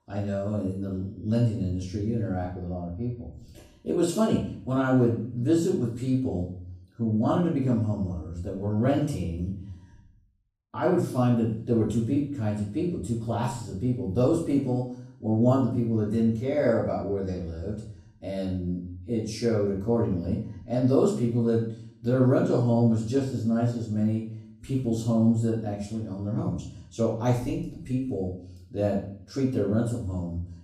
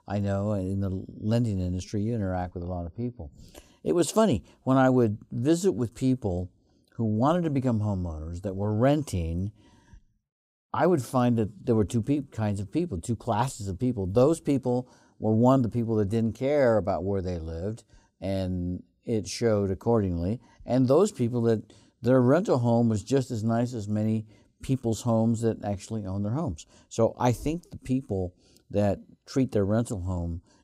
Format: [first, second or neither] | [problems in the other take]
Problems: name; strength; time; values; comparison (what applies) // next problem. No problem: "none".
second | off-mic speech; far // room echo; noticeable; dies away in 0.5 s